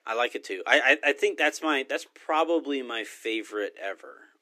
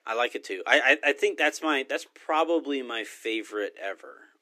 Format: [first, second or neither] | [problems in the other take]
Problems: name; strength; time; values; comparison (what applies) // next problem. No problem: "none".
neither | thin; somewhat; fading below 300 Hz; the same in both